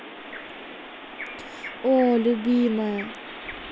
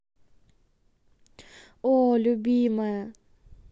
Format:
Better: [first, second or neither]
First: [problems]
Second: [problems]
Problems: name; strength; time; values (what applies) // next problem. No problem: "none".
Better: second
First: background sound (Bird vocalization, bird call, bird song); 12 dB below the speech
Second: none